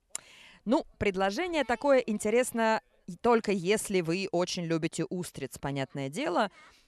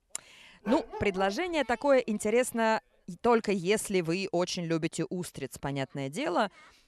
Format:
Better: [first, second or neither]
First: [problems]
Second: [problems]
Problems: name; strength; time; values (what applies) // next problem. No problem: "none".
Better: first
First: none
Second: dog barking; noticeable; at 0.5 s; peak 10 dB below the speech